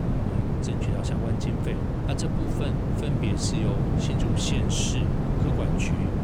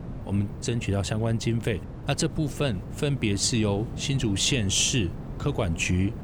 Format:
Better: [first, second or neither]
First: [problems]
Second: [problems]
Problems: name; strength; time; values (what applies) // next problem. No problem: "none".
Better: second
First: wind noise on the microphone; heavy; 2 dB above the speech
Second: wind noise on the microphone; occasional gusts; 15 dB below the speech